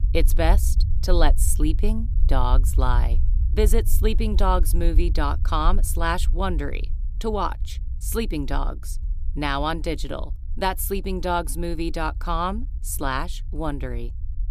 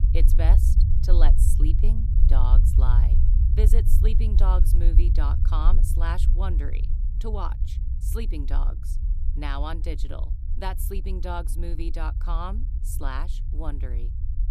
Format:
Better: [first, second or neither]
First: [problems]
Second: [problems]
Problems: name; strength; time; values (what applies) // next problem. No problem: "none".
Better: first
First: low rumble; faint; throughout; 20 dB below the speech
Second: low rumble; loud; throughout; 7 dB below the speech